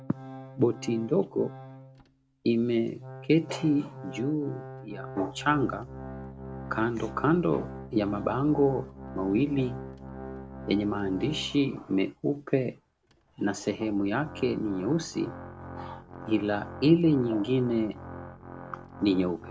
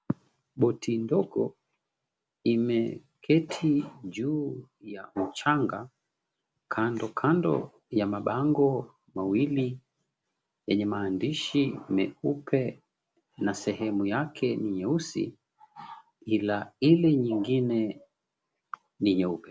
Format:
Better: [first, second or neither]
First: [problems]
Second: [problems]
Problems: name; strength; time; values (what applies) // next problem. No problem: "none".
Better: second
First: background sound (Organ); 13 dB below the speech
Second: none